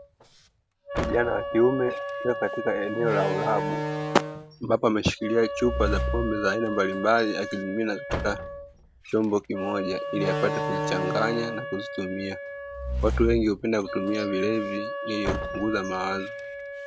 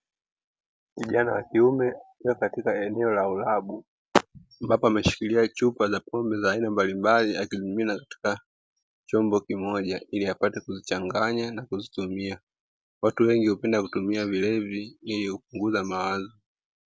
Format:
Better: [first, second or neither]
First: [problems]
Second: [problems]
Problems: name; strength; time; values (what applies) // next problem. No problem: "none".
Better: second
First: background sound (Wind instrument, woodwind instrument + Slam); 4 dB below the speech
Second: none